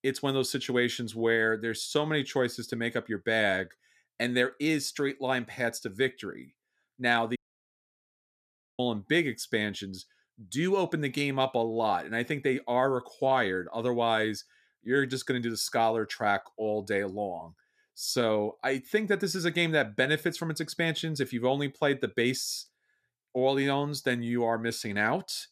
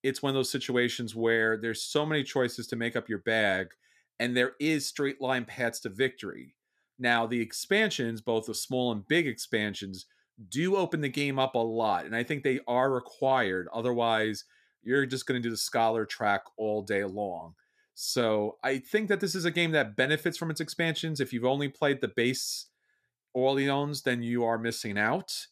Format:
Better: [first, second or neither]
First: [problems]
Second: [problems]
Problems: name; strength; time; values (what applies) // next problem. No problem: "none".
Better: second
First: audio cutting out; at 7.5 s for 1.5 s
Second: none